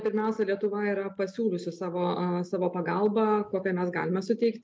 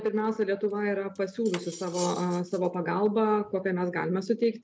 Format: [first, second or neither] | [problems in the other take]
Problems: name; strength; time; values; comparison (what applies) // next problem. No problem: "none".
first | background sound (Cutlery, silverware); 18 dB below the speech